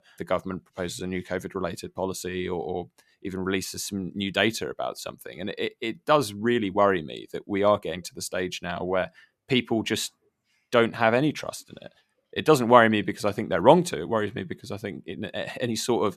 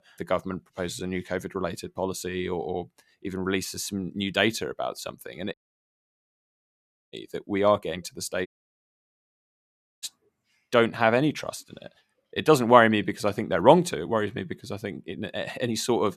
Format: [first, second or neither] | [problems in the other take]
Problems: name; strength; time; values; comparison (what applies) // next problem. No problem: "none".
first | audio cutting out; at 5.5 s for 1.5 s and at 8.5 s for 1.5 s